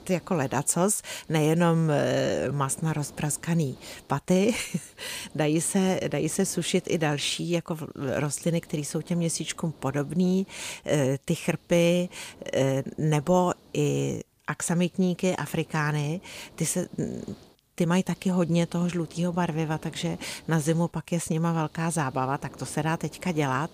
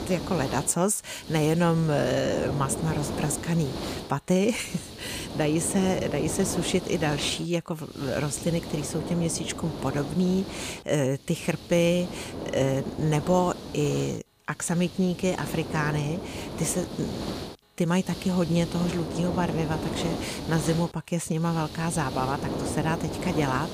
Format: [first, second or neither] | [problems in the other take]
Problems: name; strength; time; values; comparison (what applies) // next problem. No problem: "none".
first | hiss; loud; throughout; 8 dB below the speech; faint in the first